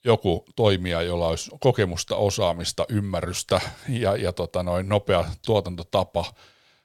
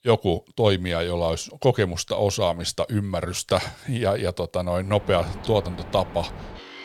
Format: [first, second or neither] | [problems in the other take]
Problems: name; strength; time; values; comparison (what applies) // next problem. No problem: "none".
first | machinery noise; noticeable; from 5 s on; 15 dB below the speech